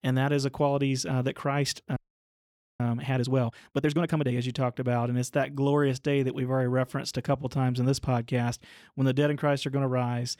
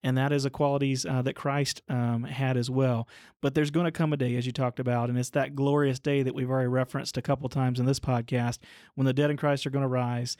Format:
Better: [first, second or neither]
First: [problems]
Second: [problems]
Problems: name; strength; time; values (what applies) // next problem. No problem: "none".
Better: second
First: audio freezing; at 2 s for 1 s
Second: none